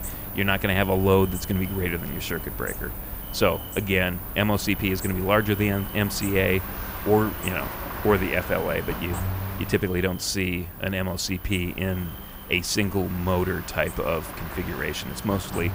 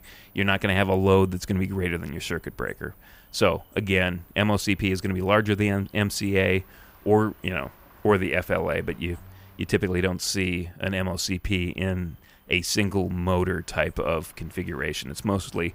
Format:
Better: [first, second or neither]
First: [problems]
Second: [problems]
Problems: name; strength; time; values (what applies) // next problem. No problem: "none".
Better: second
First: animal sounds; loud; throughout; 8 dB below the speech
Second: animal sounds; faint; throughout; 30 dB below the speech